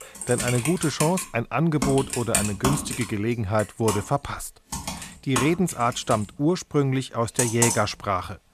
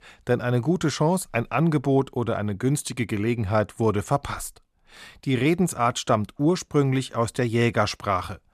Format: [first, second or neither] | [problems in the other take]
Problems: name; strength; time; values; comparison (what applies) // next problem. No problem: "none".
second | keyboard typing; loud; until 8 s; peak 2 dB above the speech